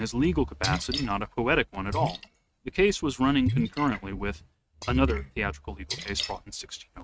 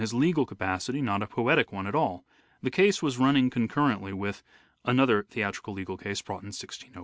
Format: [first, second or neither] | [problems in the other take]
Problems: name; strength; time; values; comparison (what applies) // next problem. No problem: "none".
second | noise reduction (neural mask model RNNoise)